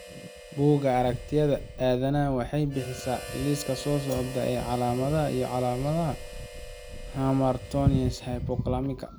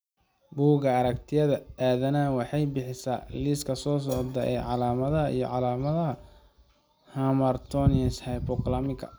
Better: second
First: background sound (Wind + Harmonica); 13 dB below the speech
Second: none

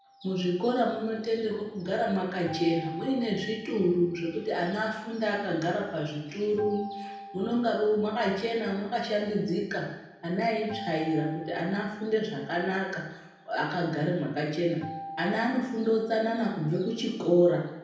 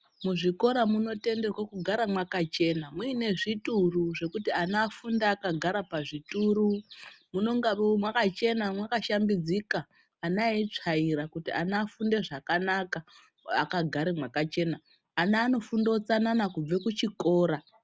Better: second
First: background sound (Acoustic guitar); 18 dB below the speech // room echo; dies away in 0.9 s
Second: none

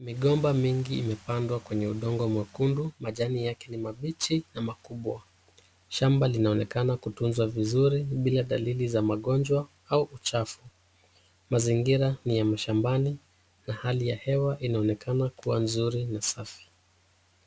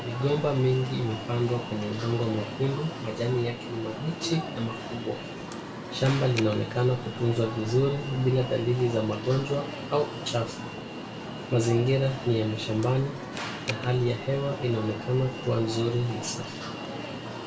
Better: first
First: none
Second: background sound (Alarm); 8 dB below the speech // room echo; dies away in 0.3 s

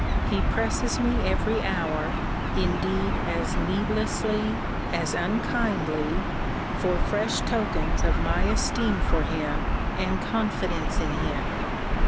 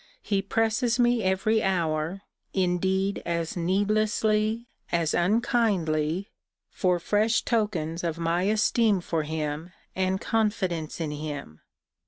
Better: second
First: background sound (Gull, seagull / Ocean); 4 dB above the speech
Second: none

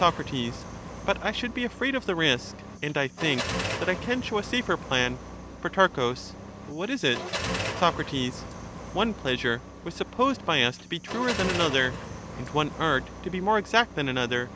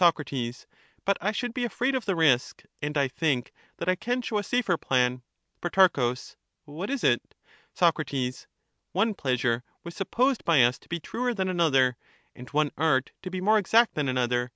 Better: second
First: background sound (Car); 9 dB below the speech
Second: none

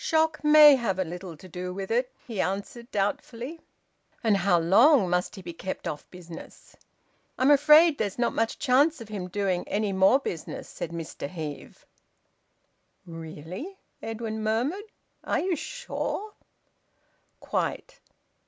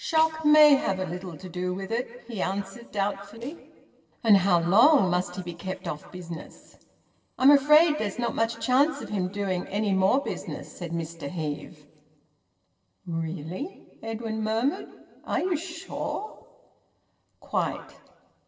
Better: first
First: none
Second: noise reduction (neural separator model SepFormer DNS4)

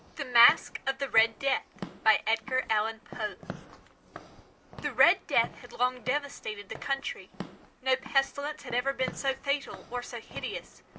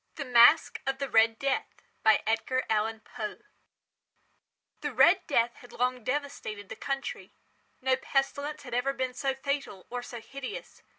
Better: second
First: background sound (Walk, footsteps / Siren); 16 dB below the speech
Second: none

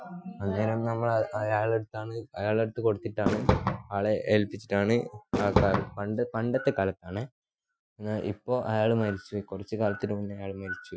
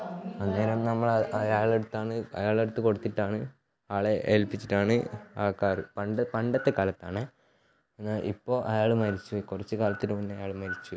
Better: second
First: noise reduction (classical method Wiener filter)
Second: none

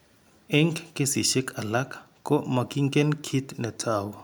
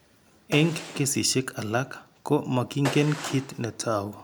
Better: first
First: none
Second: background sound (Gunshot, gunfire); 14 dB below the speech

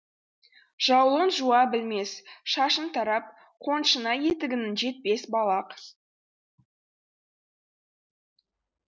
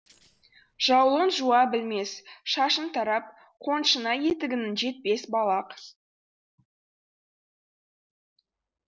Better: first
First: none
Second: noise reduction (neural separator model SepFormer DNS4)

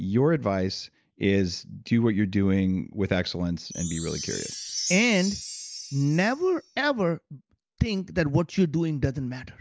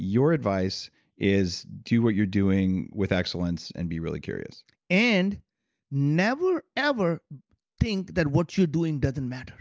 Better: second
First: background sound (Chime); 10 dB below the speech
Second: none

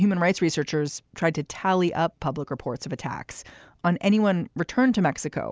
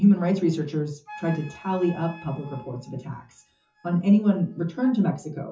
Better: first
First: none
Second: noise reduction (classical method WPE with log-MMSE)

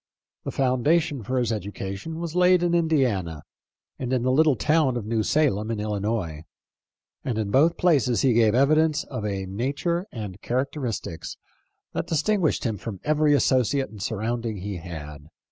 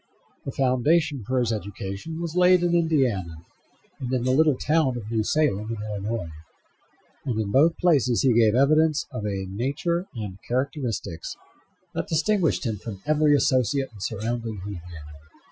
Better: first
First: none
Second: noise reduction (classical method Wiener filter)

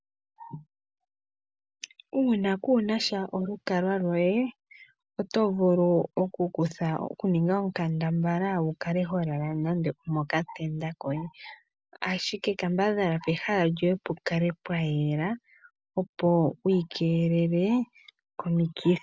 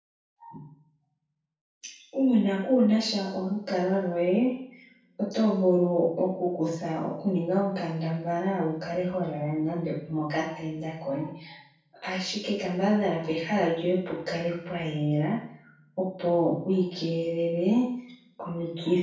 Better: first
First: none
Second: room echo; dies away in 0.6 s

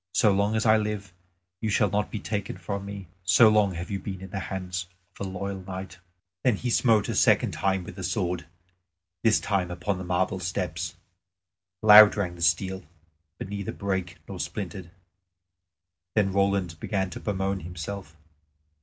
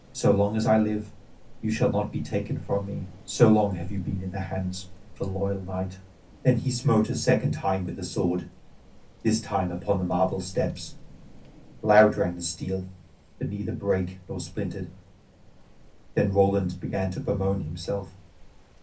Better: first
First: none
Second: background sound (Rain); 19 dB below the speech // room echo; dies away in 0.3 s

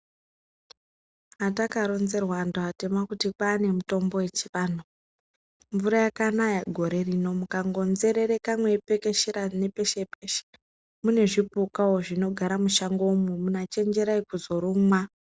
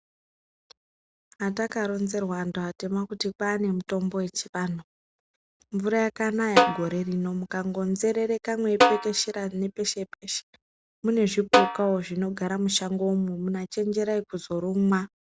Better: first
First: none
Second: background sound (Snare drum); 1 dB above the speech

